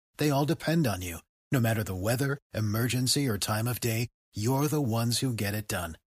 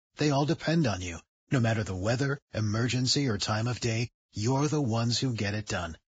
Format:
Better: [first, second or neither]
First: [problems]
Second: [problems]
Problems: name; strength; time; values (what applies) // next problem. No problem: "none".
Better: first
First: none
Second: garbled, watery; badly; nothing above 7.5 kHz